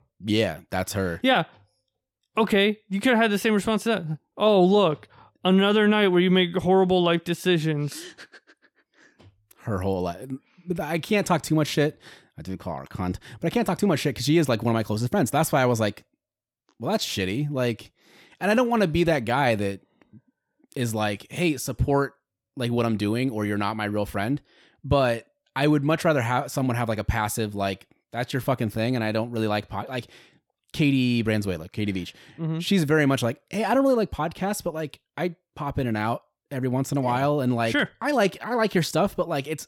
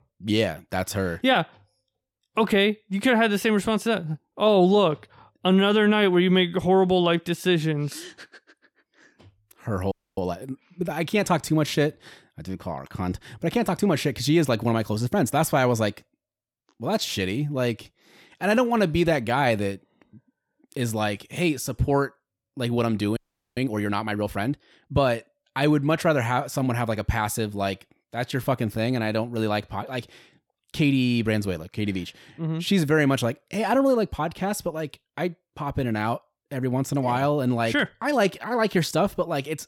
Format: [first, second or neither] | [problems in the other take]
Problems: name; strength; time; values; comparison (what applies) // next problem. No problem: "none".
first | audio freezing; at 10 s and at 23 s